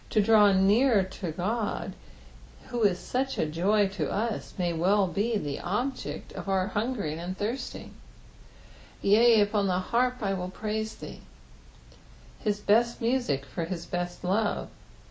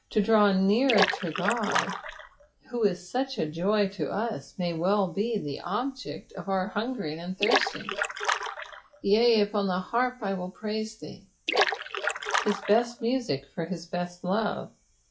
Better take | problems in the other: first | noise reduction (classical method log-MMSE)

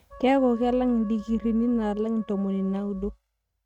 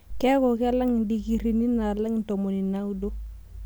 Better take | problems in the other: second | noise reduction (neural mask model RNNoise)

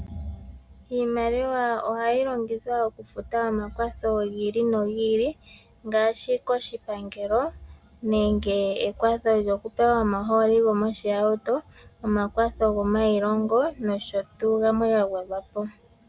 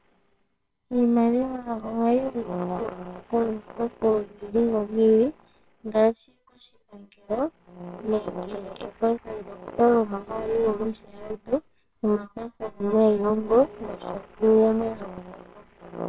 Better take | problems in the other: first | noise reduction (neural separator model SepFormer WHAMR!)

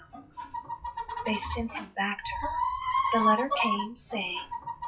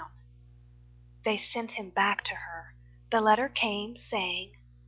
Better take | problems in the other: second | noise reduction (classical method WPE with log-MMSE)

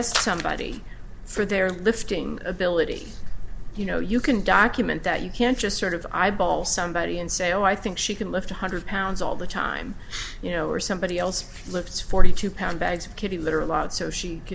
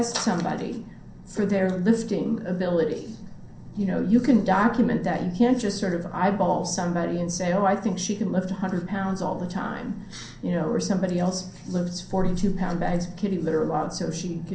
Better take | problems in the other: first | room echo; dies away in 0.6 s

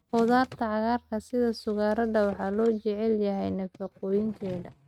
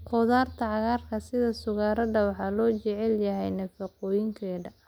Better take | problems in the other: second | noise reduction (neural mask model RNNoise)

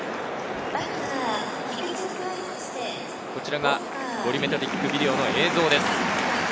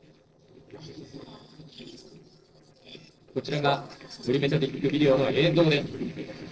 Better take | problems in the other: first | noise reduction (neural separator model SepFormer DNS4)

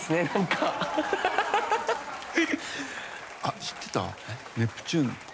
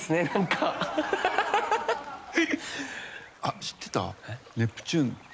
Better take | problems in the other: second | background sound (Applause / Crowd / Cheering); 12 dB below the speech

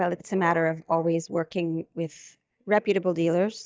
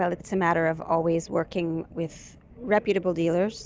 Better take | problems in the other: second | noise reduction (neural mask model DeepFilterNet 3)

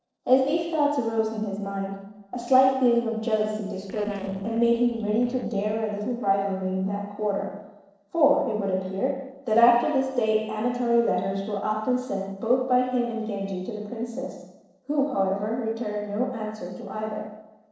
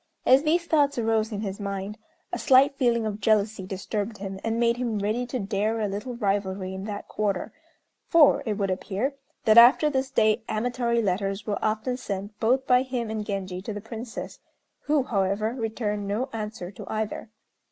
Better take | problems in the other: second | noise reduction (neural separator model SepFormer DNS4)

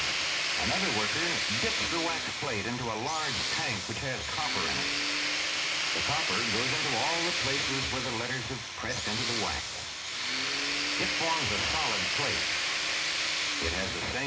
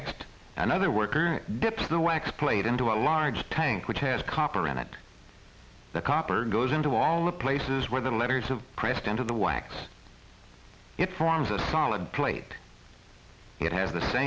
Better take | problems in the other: second | background sound (Tools); 5 dB above the speech // room echo; dies away in 0.2 s

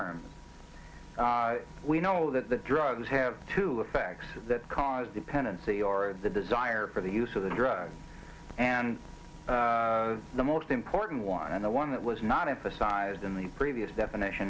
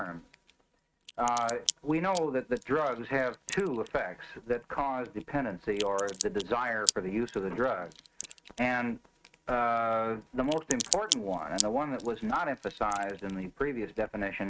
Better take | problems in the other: first | noise reduction (neural mask model RNNoise)

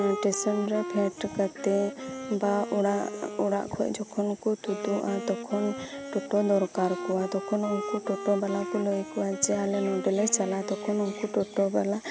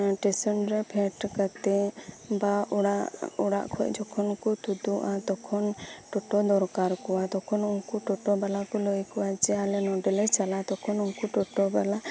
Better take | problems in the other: second | background sound (Wind instrument, woodwind instrument); 10 dB below the speech

